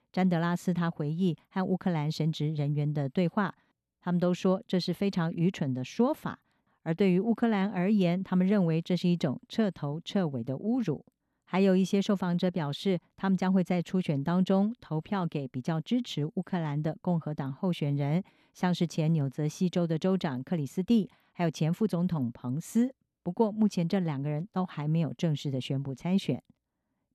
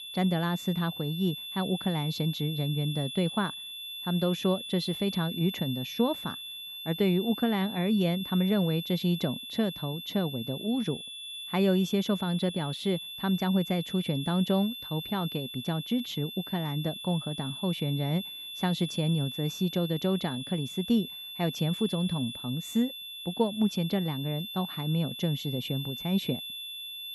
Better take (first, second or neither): first